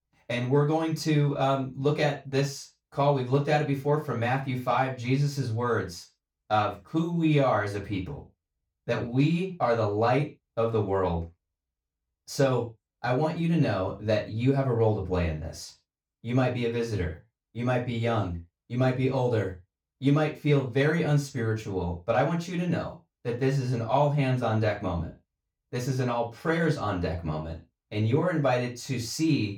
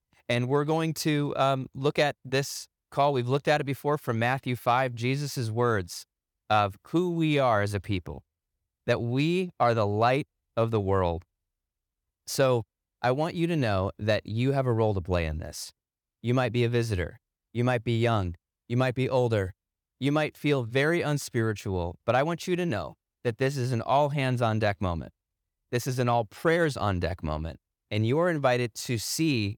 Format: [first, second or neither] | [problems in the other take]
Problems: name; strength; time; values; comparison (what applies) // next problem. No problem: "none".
second | room echo; slight; dies away in 0.2 s // off-mic speech; far